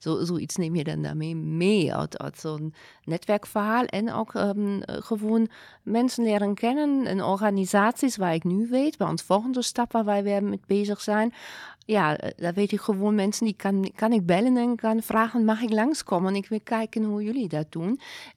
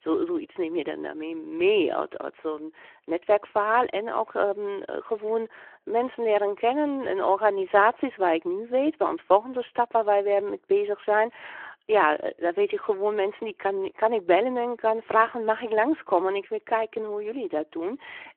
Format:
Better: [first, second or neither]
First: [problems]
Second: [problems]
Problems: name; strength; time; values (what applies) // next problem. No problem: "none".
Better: first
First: none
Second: phone-call audio